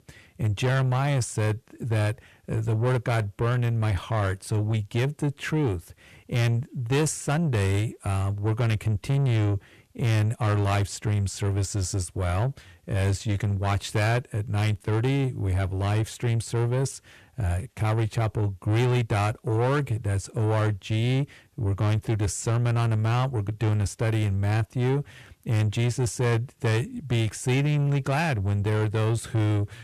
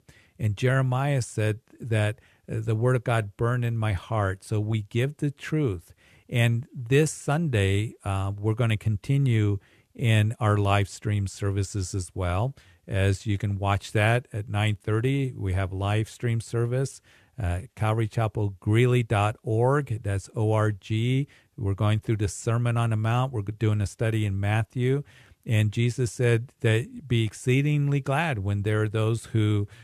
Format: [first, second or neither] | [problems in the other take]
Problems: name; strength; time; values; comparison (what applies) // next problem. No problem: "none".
second | distortion; slight; 10 dB below the speech